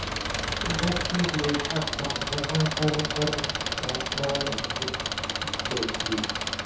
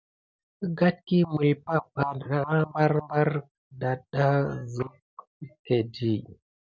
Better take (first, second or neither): second